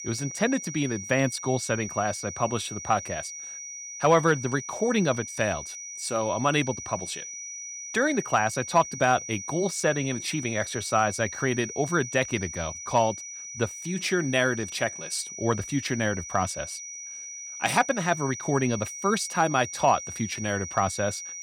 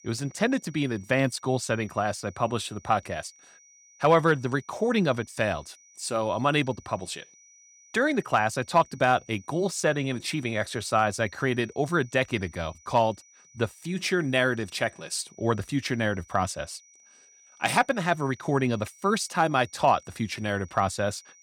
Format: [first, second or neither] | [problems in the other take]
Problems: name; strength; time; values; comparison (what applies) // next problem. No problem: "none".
second | high-pitched whine; loud; throughout; 6 kHz, 9 dB below the speech; faint in the second